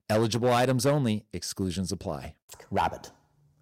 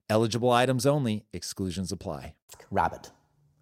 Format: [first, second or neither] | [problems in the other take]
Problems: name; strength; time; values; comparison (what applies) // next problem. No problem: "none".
second | distortion; slight; 4% of the sound clipped